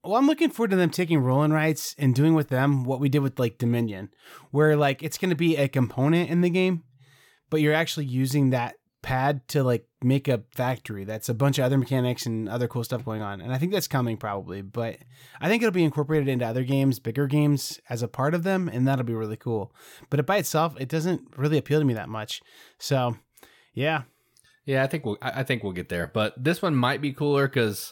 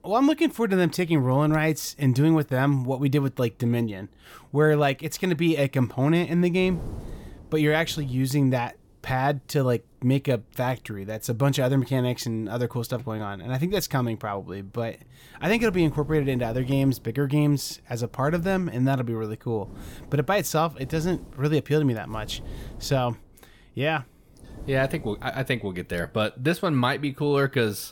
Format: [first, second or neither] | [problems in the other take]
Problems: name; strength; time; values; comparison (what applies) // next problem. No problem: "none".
first | wind noise on the microphone; occasional gusts; 25 dB below the speech